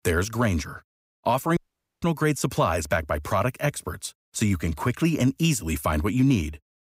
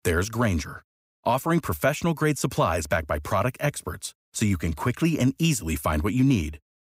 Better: second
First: audio cutting out; at 1.5 s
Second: none

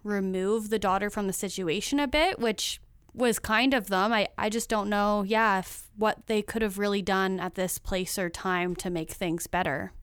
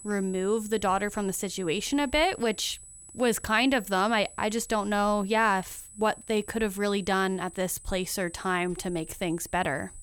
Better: first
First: none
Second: high-pitched whine; noticeable; throughout; 8 kHz, 20 dB below the speech

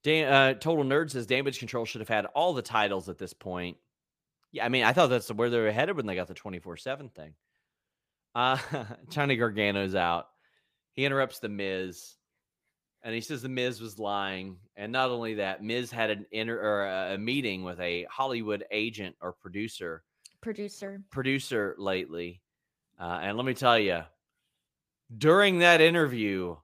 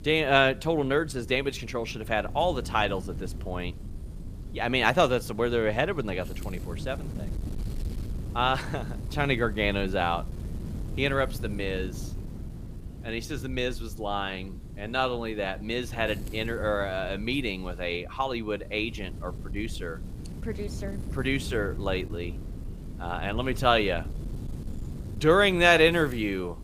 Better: first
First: none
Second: wind noise on the microphone; occasional gusts; 20 dB below the speech

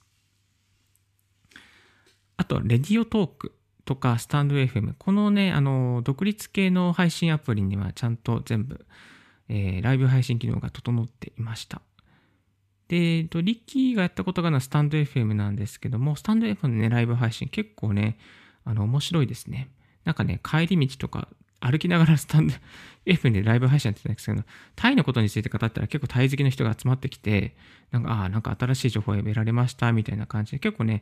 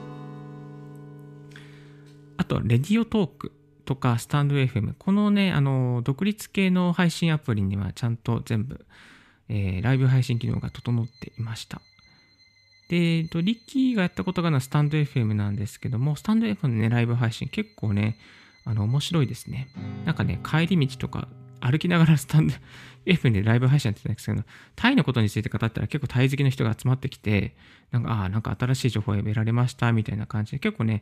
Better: first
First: none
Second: background music; faint; throughout; 20 dB below the speech

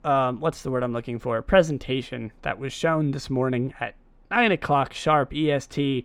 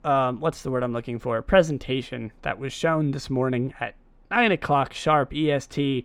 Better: neither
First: muffled; slightly; fading above 2 kHz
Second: muffled; slightly; fading above 2 kHz

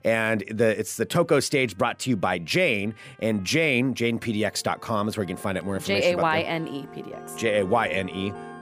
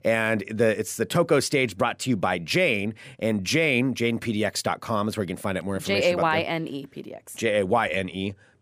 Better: second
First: background music; noticeable; throughout; 20 dB below the speech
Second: none

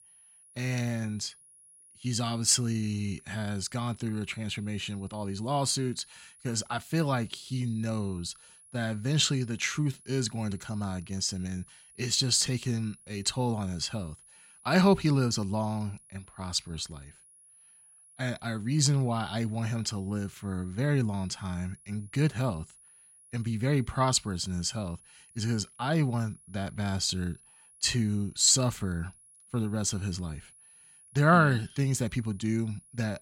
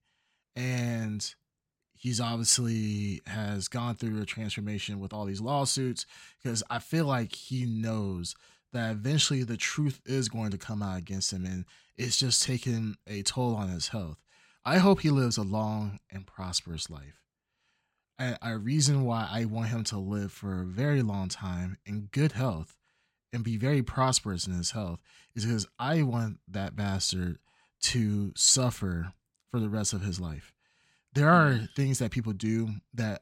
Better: second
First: high-pitched whine; faint; throughout; 10.5 kHz, 25 dB below the speech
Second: none

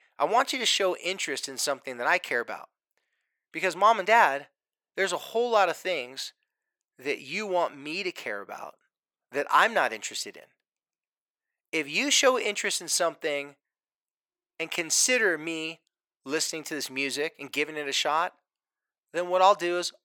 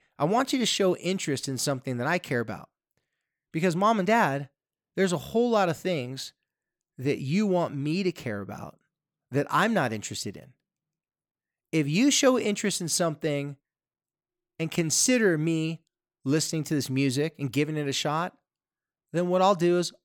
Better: second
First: thin; very; fading below 550 Hz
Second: none

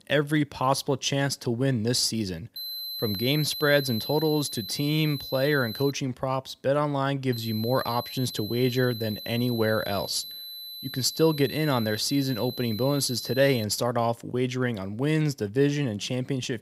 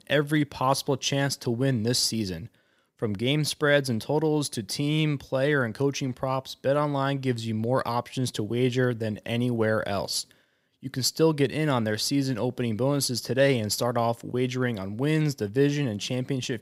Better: second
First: high-pitched whine; loud; from 2.5 to 6 s and from 7.5 to 14 s; 4 kHz, 9 dB below the speech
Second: none

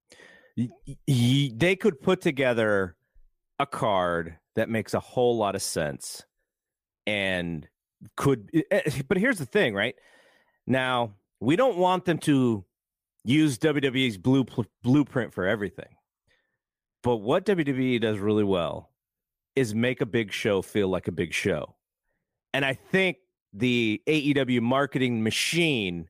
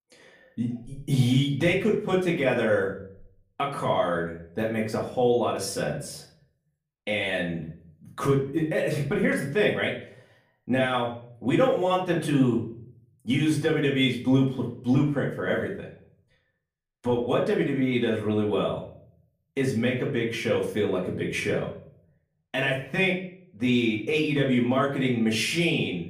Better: first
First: none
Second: off-mic speech; far // room echo; slight; dies away in 0.5 s

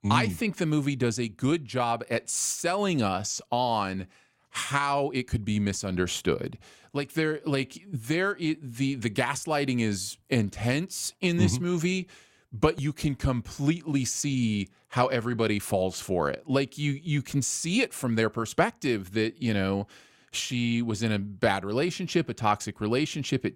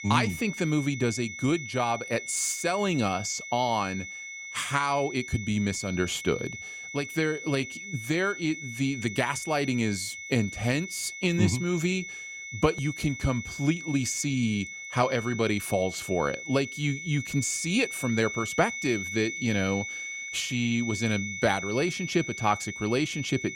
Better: first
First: none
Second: high-pitched whine; loud; throughout; 2 kHz, 8 dB below the speech

